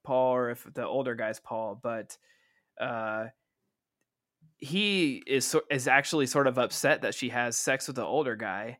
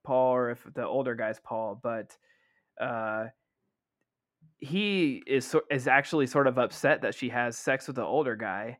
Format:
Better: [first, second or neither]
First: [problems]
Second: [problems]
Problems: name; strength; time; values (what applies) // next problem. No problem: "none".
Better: first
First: none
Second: muffled; slightly; fading above 3.5 kHz